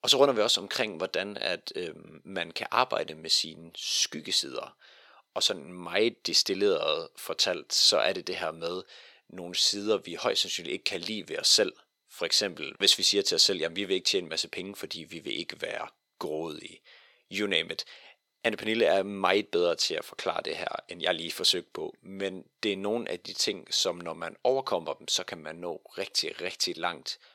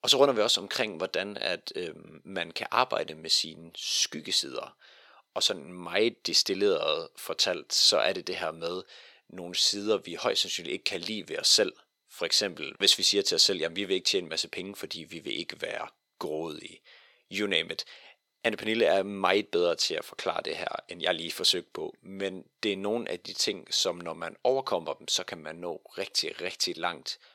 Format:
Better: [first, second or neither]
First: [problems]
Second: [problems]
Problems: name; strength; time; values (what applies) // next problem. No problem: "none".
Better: neither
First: thin; very; fading below 500 Hz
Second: thin; very; fading below 500 Hz